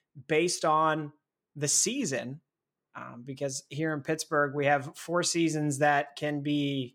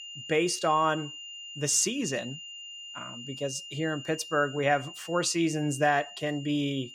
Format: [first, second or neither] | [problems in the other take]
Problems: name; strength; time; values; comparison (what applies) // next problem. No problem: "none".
first | high-pitched whine; noticeable; throughout; 3 kHz, 15 dB below the speech